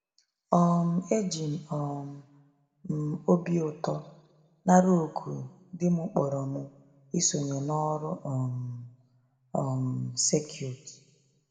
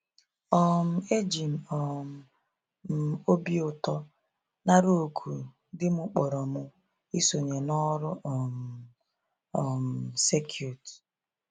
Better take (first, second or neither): second